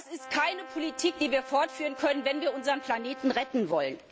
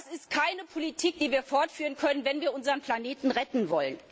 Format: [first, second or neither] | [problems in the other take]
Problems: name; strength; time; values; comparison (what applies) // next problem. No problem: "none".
second | background sound (Brass instrument); 15 dB below the speech